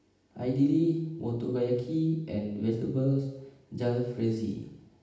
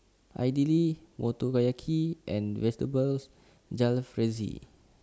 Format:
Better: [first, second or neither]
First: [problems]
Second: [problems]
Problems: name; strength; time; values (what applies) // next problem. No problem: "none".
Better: second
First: room echo; dies away in 0.8 s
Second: none